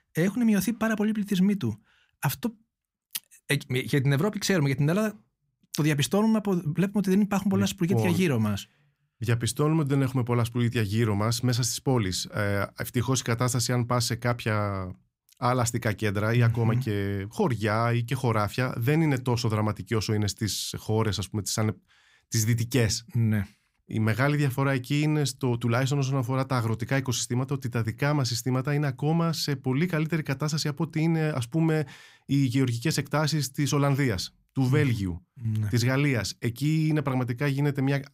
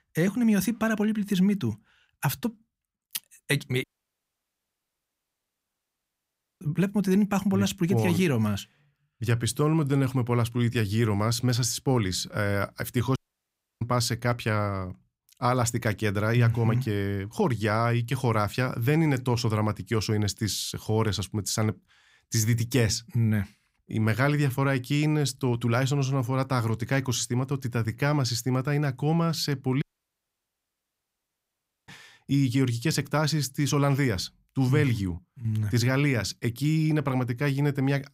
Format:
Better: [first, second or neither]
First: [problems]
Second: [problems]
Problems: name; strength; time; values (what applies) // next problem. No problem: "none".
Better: first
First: none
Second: audio cutting out; at 4 s for 3 s, at 13 s for 0.5 s and at 30 s for 2 s